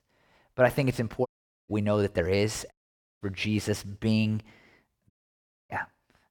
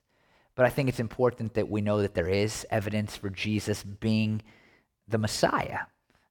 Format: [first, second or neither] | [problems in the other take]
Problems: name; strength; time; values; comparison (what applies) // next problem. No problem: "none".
second | audio cutting out; at 1.5 s, at 2.5 s and at 5 s for 0.5 s